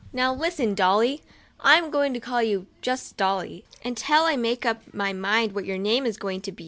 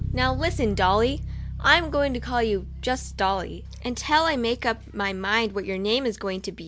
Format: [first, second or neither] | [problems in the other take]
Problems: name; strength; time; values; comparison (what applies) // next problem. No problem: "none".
first | background sound (Bass guitar); 9 dB below the speech